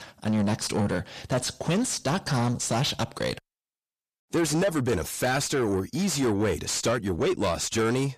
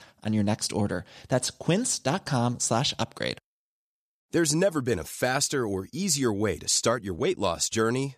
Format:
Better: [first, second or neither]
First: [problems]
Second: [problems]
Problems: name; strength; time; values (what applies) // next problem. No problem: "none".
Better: second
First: distortion; heavy; 7 dB below the speech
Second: none